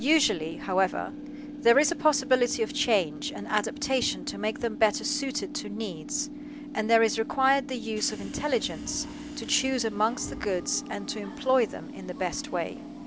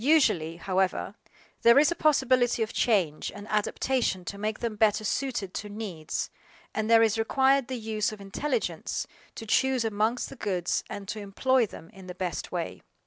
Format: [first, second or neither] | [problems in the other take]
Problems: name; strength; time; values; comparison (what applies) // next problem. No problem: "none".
second | background sound (Subway, metro, underground / Train); 11 dB below the speech